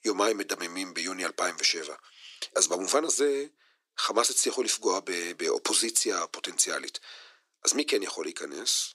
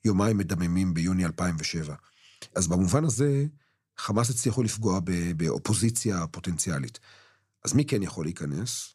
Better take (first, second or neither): second